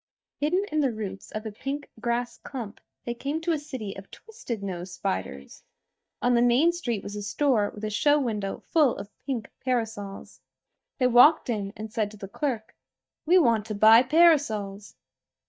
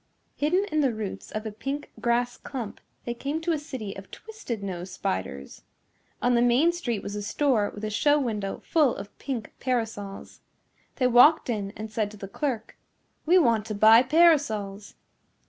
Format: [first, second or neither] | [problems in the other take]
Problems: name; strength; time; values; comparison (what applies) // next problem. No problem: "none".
second | noise reduction (neural mask model DeepFilterNet 3)